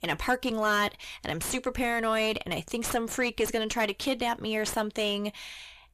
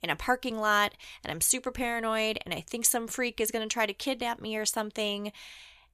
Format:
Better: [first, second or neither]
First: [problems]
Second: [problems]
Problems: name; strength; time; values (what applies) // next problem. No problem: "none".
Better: second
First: distortion; heavy; 5 dB below the speech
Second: none